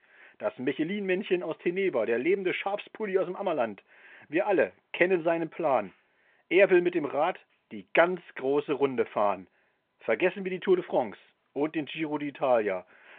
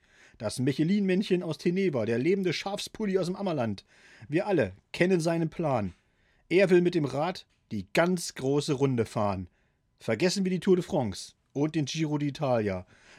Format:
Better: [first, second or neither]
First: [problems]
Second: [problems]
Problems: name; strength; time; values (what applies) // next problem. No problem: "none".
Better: second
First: phone-call audio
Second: none